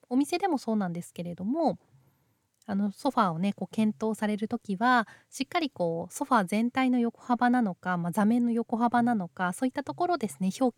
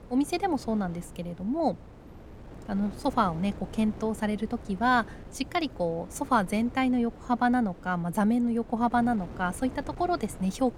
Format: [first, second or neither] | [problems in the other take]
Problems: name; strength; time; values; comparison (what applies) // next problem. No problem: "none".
first | wind noise on the microphone; occasional gusts; 20 dB below the speech